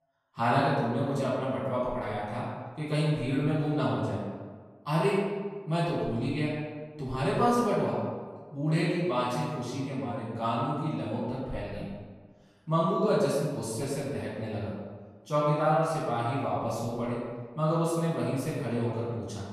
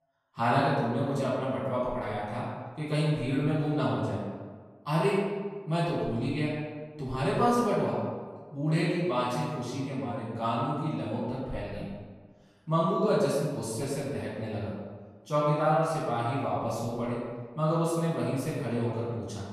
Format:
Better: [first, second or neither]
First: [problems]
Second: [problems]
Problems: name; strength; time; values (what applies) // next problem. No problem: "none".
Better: neither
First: room echo; strong; dies away in 1.2 s // off-mic speech; far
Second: room echo; strong; dies away in 1.2 s // off-mic speech; far